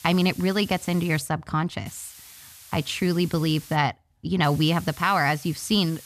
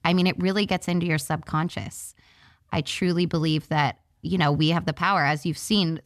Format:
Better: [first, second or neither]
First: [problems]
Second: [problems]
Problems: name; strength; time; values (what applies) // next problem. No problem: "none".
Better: second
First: hiss; noticeable; until 1 s, from 2 to 4 s and from 4.5 s on; 20 dB below the speech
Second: none